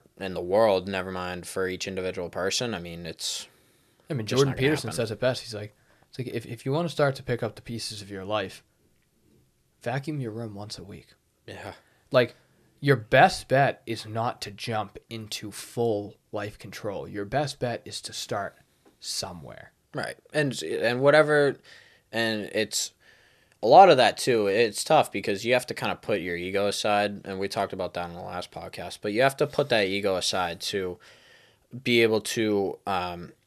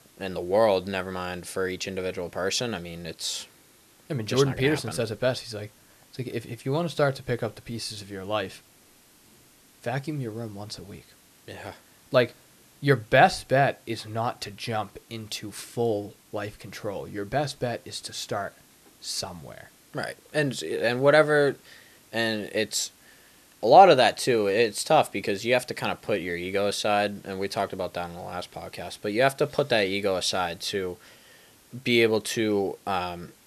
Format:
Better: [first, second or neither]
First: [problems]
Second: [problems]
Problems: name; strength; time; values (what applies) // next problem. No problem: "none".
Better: first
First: none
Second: hiss; faint; throughout; 30 dB below the speech